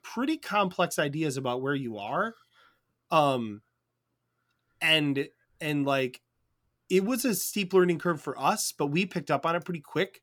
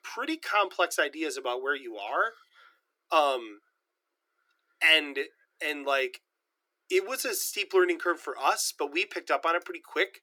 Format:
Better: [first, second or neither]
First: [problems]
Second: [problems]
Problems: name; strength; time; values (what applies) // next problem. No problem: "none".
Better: first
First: none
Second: thin; very; fading below 350 Hz